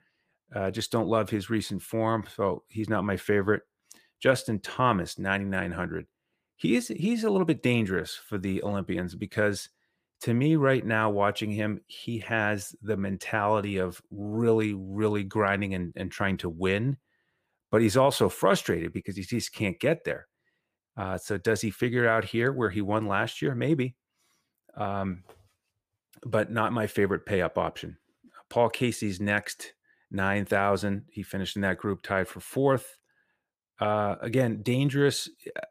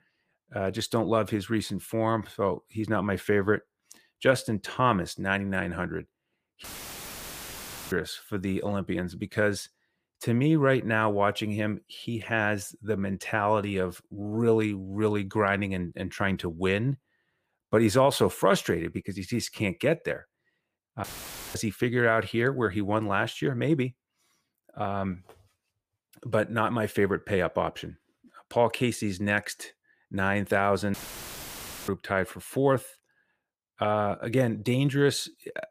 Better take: first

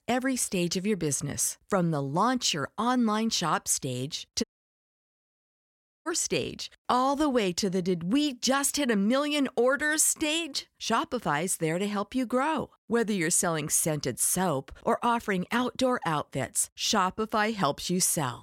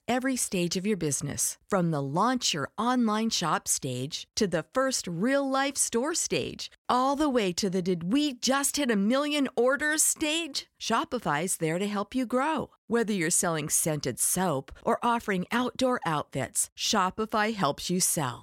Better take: second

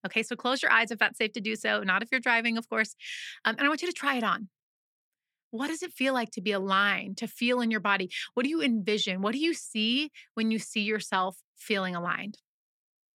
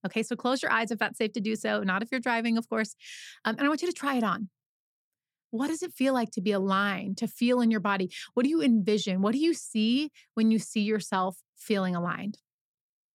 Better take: second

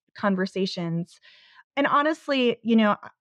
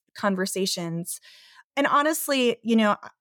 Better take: second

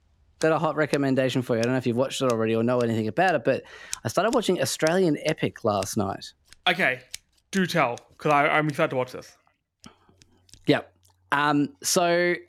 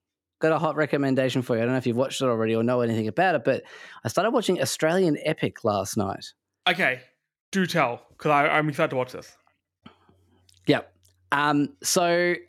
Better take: second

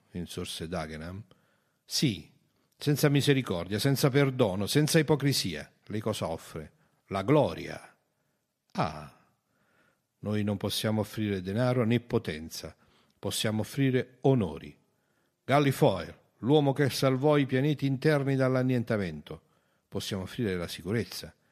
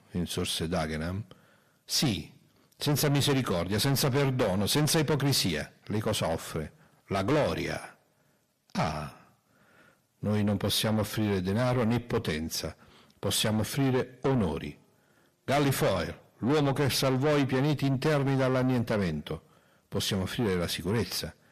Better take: first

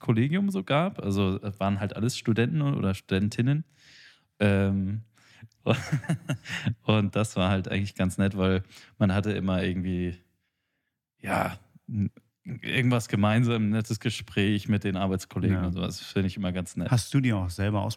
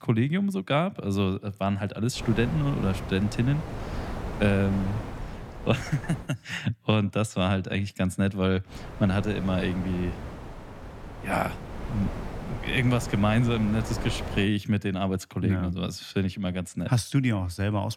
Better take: first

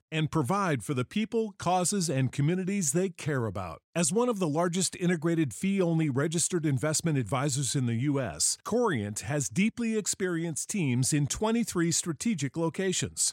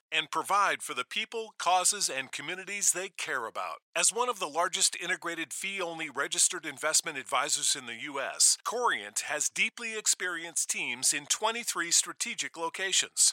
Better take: first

